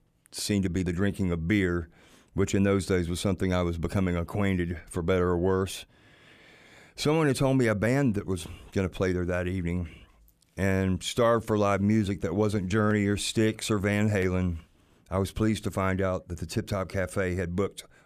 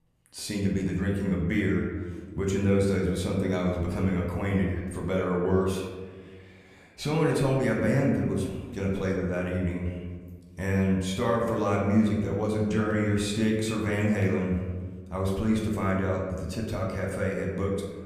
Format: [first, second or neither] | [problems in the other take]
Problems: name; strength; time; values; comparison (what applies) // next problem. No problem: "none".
first | room echo; noticeable; dies away in 1.3 s // off-mic speech; somewhat distant